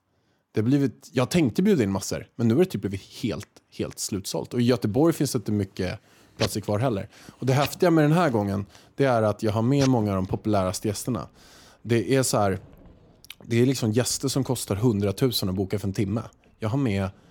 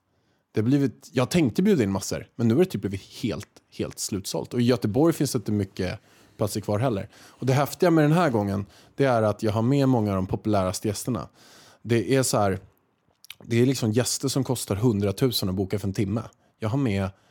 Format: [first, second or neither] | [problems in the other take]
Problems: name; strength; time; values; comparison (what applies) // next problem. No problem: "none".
second | household noises; noticeable; from 6 s on; 15 dB below the speech